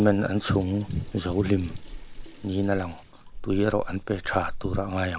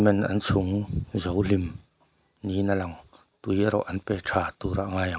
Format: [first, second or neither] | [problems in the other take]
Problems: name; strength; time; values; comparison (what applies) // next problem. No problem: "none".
second | background sound (Sink (filling or washing) / Water tap, faucet); 11 dB below the speech